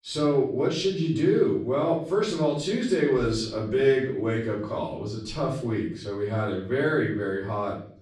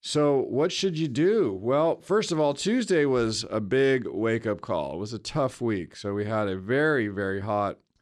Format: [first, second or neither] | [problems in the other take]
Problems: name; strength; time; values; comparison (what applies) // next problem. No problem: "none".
second | off-mic speech; far // room echo; noticeable; dies away in 0.6 s